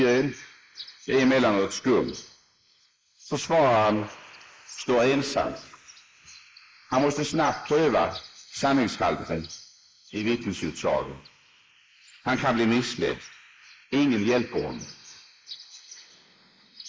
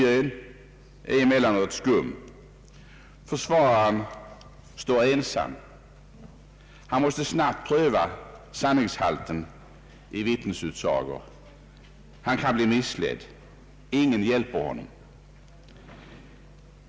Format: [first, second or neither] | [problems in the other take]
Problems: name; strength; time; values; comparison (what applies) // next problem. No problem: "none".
second | noise reduction (neural mask model Resemble Enhance denoiser)